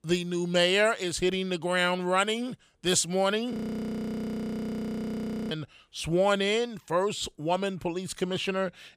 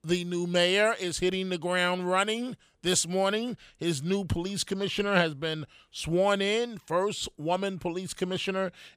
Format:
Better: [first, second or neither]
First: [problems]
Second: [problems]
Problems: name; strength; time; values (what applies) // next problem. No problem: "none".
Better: second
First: audio freezing; at 3.5 s for 2 s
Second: none